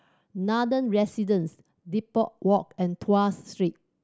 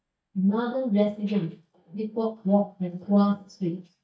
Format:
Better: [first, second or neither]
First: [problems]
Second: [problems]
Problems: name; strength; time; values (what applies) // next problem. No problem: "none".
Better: first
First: none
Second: noise reduction (neural mask model DeepFilterNet 3)